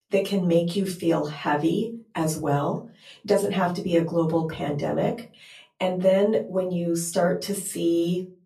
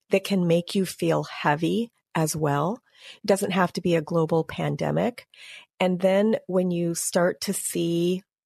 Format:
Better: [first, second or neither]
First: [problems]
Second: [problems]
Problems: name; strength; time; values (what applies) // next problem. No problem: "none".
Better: second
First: off-mic speech; far // room echo; very slight; dies away in 0.3 s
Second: none